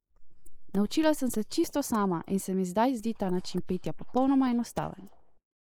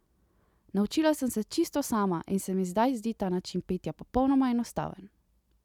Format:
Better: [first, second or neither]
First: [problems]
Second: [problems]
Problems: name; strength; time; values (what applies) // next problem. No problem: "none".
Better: second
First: noise reduction (neural mask model Resemble Enhance denoiser)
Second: none